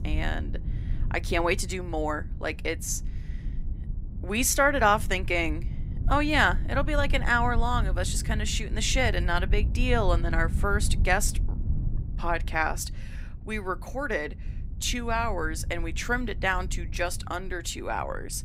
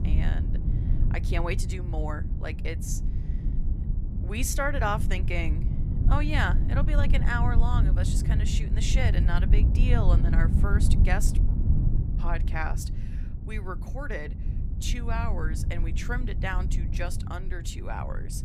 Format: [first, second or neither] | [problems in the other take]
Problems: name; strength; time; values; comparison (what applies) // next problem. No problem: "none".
first | low rumble; loud; throughout; 8 dB below the speech; faint in the first